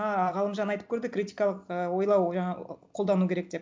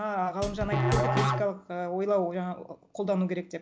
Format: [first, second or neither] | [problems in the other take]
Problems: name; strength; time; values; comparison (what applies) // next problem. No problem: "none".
first | background sound (Musical instrument + Drum / Drum kit); 1 dB below the speech